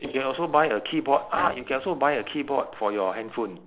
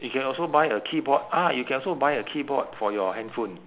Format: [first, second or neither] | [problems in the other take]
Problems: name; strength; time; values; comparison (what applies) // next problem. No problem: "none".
second | noise reduction (neural separator model SepFormer DNS4)